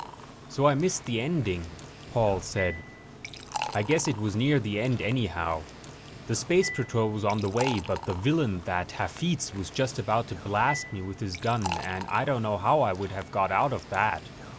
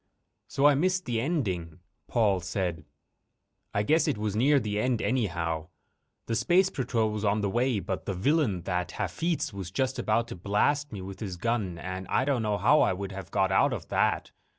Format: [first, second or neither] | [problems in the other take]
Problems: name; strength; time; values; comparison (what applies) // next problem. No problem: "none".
second | background sound (Liquid); 12 dB below the speech